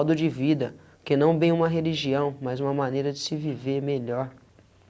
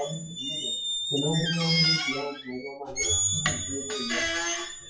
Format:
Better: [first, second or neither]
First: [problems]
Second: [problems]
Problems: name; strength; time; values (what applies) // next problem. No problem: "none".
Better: first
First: none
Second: noise reduction (classical method WPE with log-MMSE)